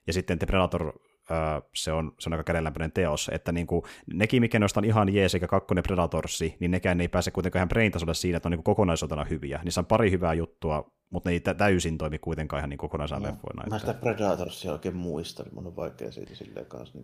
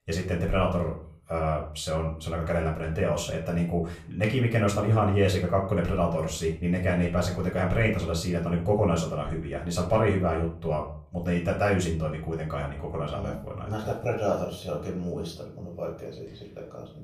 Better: first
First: none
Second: room echo; slight; dies away in 0.4 s // off-mic speech; far

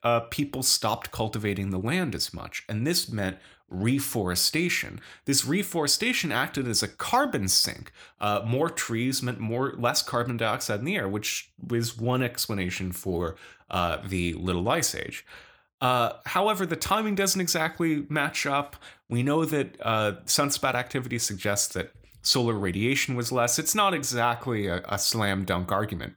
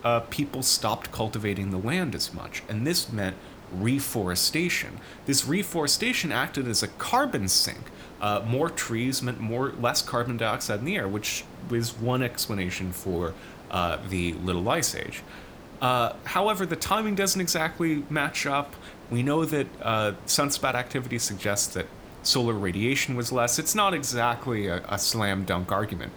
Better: first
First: none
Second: hiss; noticeable; throughout; 20 dB below the speech

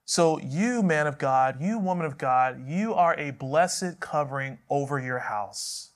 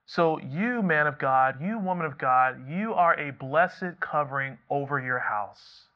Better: first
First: none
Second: muffled; very; fading above 4 kHz

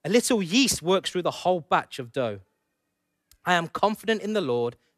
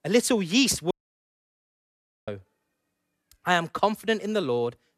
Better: first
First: none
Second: audio cutting out; at 1 s for 1.5 s

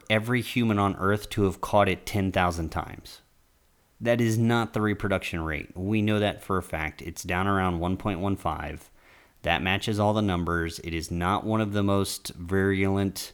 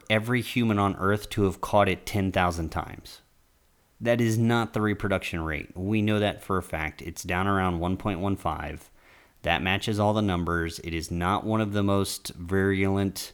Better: neither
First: none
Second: none

